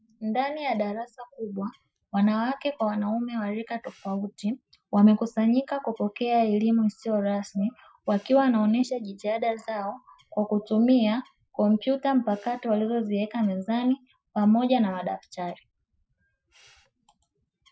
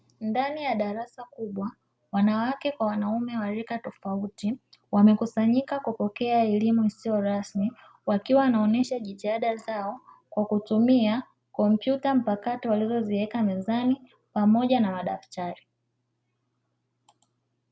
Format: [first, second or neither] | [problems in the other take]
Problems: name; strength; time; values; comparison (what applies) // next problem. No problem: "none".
second | noise reduction (classical method Wiener filter)